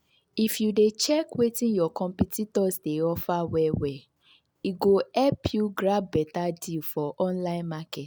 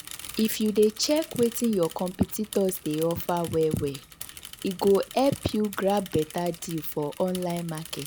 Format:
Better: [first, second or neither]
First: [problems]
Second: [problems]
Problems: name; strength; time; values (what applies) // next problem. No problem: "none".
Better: first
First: none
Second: background sound (Mechanisms / Bicycle); 16 dB below the speech